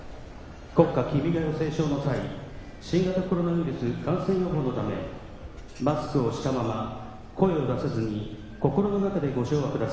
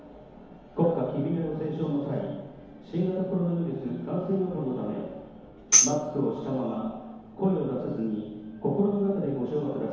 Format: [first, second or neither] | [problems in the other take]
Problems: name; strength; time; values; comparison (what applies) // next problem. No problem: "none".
first | background sound (Tambourine); 3 dB above the speech // room echo; dies away in 0.6 s